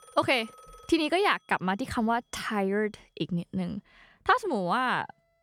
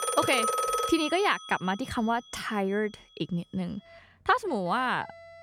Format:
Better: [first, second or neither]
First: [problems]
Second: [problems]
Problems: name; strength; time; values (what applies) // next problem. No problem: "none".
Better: first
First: alarms or sirens; faint; throughout; 25 dB below the speech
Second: alarms or sirens; loud; throughout; 2 dB below the speech